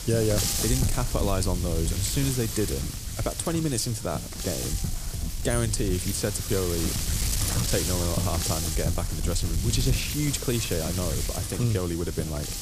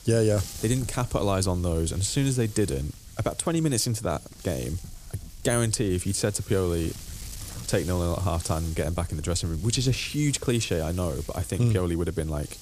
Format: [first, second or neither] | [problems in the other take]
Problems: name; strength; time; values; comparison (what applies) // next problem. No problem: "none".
second | wind noise on the microphone; heavy; 1 dB below the speech; occasional gusts in the second